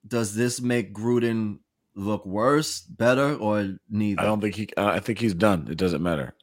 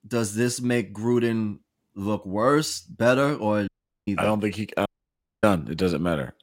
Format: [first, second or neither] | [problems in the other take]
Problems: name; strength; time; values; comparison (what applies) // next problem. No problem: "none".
first | audio cutting out; at 3.5 s and at 5 s for 0.5 s